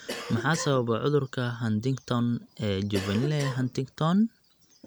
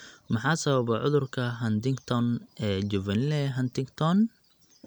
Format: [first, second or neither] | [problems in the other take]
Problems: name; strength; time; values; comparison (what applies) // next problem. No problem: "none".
second | background sound (Cough); 11 dB below the speech